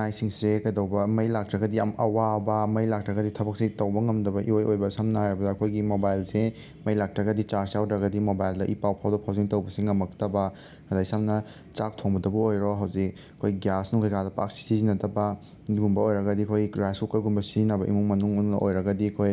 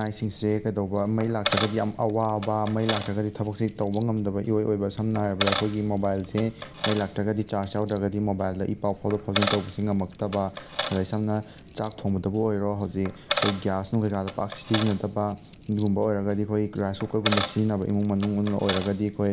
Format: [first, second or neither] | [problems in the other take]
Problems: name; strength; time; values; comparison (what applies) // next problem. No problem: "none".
first | background sound (Coin (dropping)); 9 dB below the speech